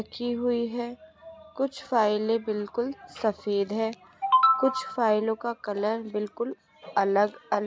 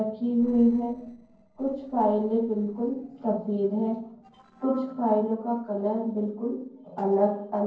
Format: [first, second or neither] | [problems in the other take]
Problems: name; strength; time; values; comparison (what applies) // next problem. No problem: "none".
first | noise reduction (neural separator model SepFormer DNS4)